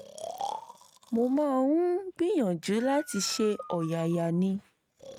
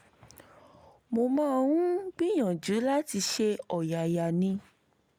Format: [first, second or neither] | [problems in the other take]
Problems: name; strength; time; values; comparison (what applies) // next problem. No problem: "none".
second | noise reduction (neural mask model RNNoise)